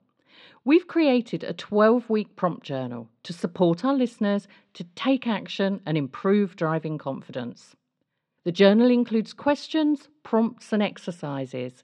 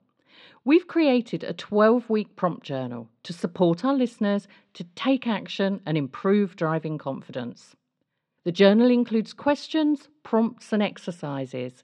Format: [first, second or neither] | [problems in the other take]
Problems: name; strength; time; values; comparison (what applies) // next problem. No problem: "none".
neither | muffled; slightly; fading above 4 kHz; the same in both